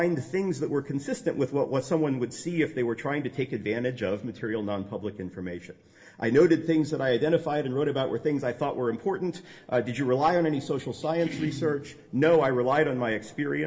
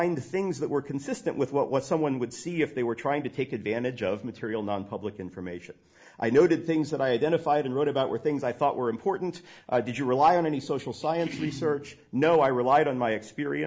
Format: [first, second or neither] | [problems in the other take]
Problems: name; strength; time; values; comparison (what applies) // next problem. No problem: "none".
second | room echo; dies away in 2.4 s